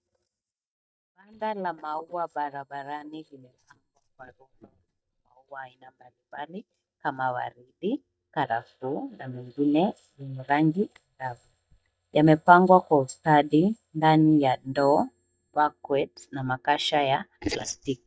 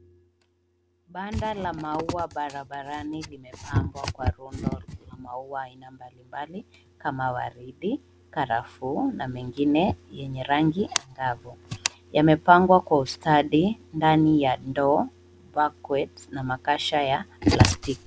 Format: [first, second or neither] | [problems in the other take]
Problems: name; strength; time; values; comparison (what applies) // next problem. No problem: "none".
second | noise reduction (neural mask model DeepFilterNet 3)